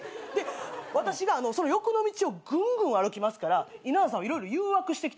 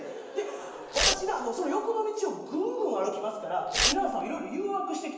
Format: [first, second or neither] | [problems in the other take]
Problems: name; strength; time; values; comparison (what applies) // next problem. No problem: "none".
first | background sound (Tearing); 1 dB below the speech // room echo; dies away in 1 s